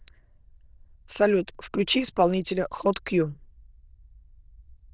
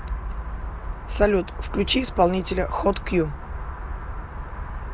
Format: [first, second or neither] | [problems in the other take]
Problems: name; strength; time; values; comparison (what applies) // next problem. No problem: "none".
second | noise reduction (neural diffusion model UNIVERSE++)